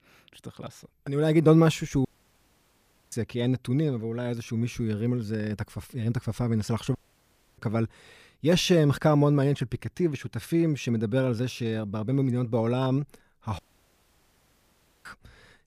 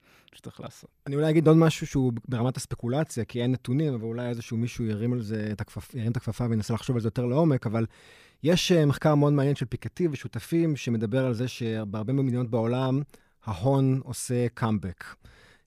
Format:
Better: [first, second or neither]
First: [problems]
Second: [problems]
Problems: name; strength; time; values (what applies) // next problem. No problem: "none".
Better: second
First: audio cutting out; at 2 s for 1 s, at 7 s for 0.5 s and at 14 s for 1.5 s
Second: none